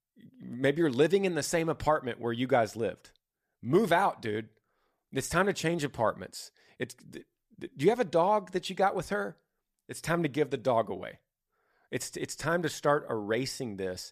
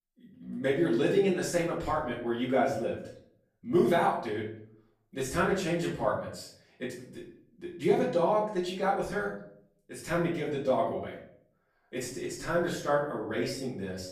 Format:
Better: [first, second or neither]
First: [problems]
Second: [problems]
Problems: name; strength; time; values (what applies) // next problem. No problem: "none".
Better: first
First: none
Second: off-mic speech; far // room echo; noticeable; dies away in 0.5 s